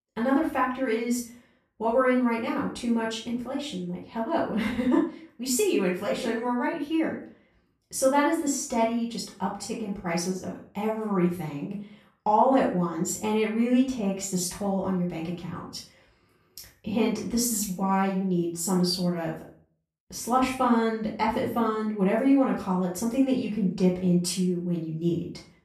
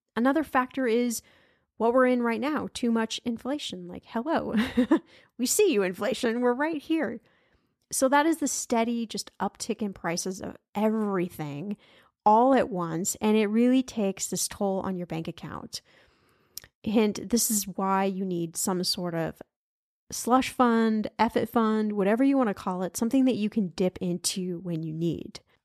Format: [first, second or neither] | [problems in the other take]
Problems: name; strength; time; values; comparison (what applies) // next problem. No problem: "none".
second | off-mic speech; far // room echo; noticeable; dies away in 0.4 s